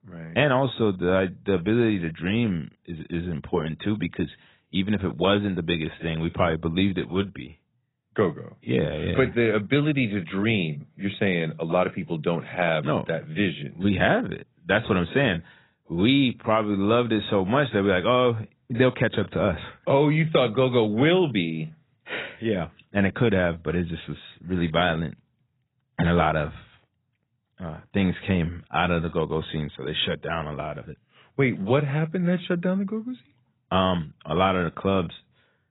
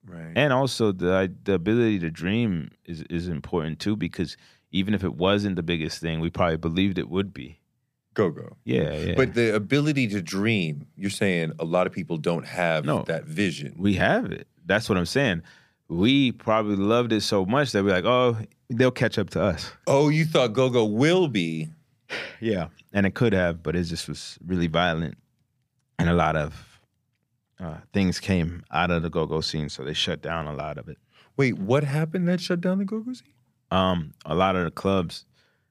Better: second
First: garbled, watery; badly; nothing above 4 kHz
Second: none

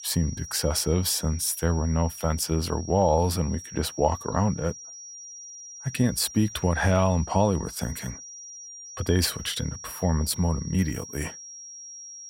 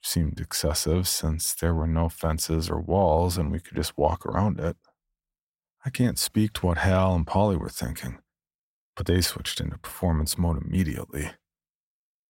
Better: second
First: high-pitched whine; noticeable; throughout; 5.5 kHz, 15 dB below the speech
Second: none

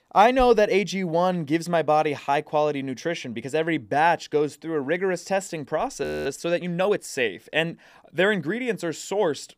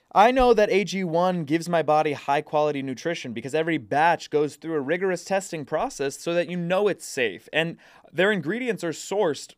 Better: second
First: audio freezing; at 6 s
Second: none

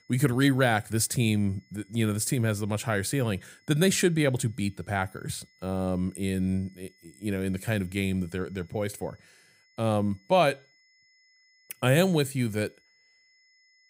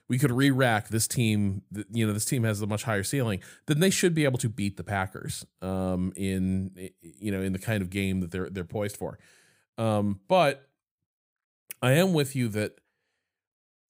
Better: second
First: high-pitched whine; faint; throughout; 2 kHz, 35 dB below the speech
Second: none

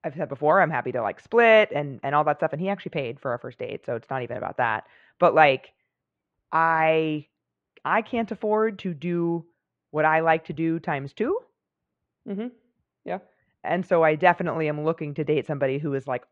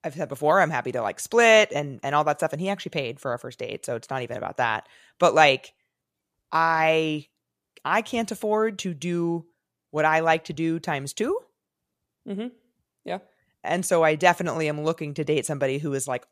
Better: second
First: muffled; very; fading above 2.5 kHz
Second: none

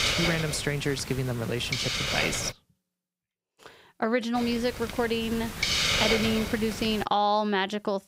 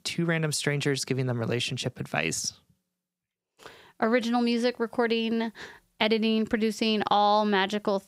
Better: second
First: hiss; very faint; until 2.5 s and from 4.5 to 7 s; 1 dB below the speech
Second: none

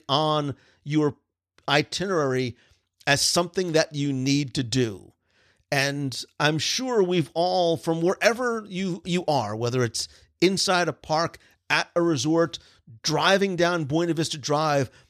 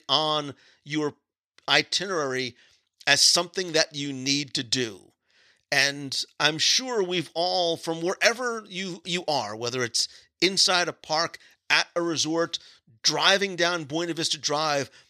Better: first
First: none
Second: thin; very slightly; fading below 300 Hz

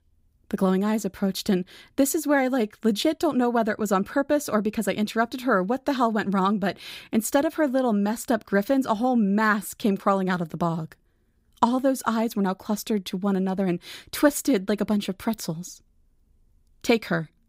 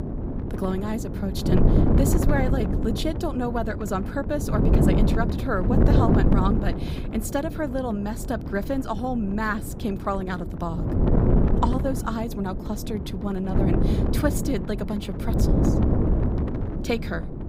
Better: first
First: none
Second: wind noise on the microphone; heavy; 2 dB below the speech

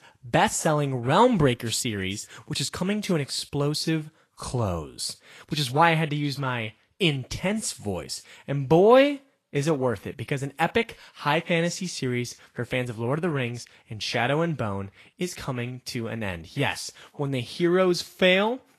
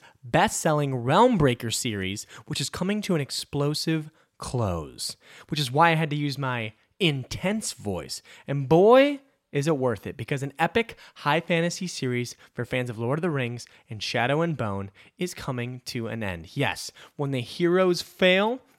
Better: second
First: garbled, watery; slightly; nothing above 12.5 kHz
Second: none

